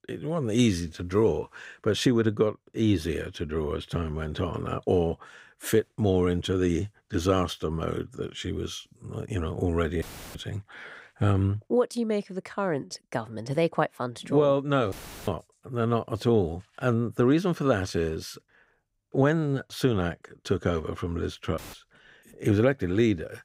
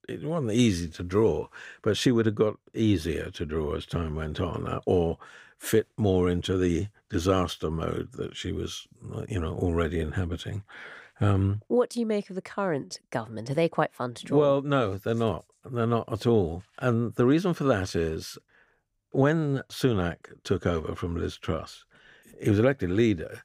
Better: second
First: audio cutting out; filled with static; at 10 s, at 15 s and at 22 s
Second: none

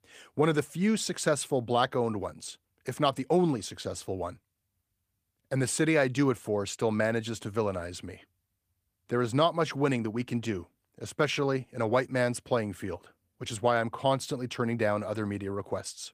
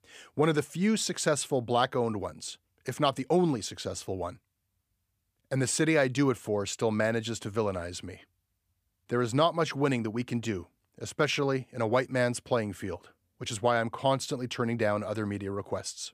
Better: second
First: garbled, watery; slightly; nothing above 15 kHz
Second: none

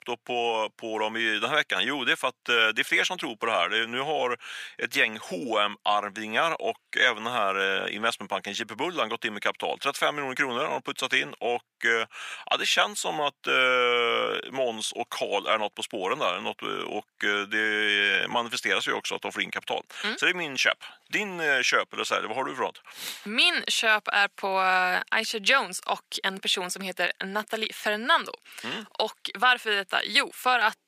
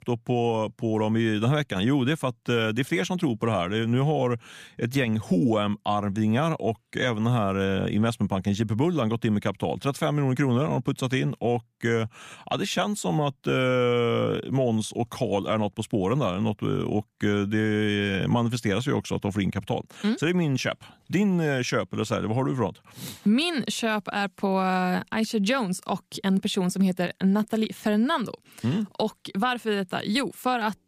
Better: second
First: thin; very; fading below 550 Hz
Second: none

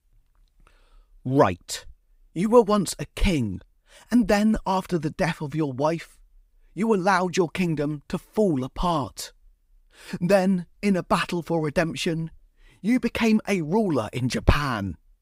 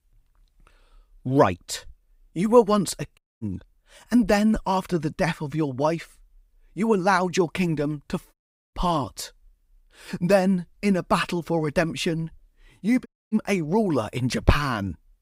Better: first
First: none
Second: audio cutting out; at 3 s, at 8.5 s and at 13 s

